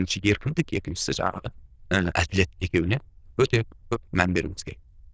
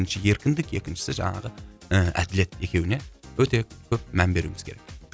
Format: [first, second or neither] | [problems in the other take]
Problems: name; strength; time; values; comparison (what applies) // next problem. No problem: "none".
second | noise reduction (neural diffusion model UNIVERSE++)